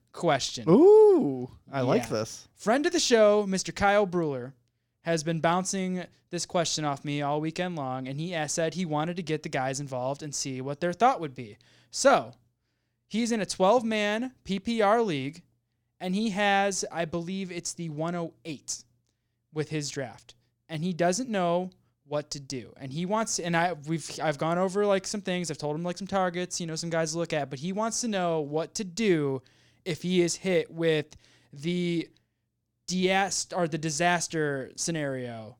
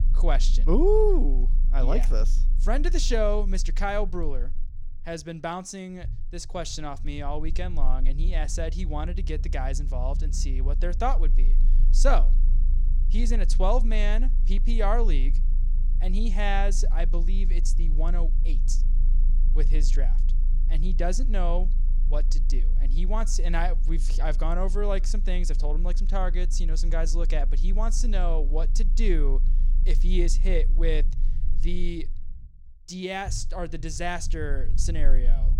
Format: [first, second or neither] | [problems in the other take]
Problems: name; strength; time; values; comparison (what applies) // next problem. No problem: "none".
first | low rumble; noticeable; throughout; 20 dB below the speech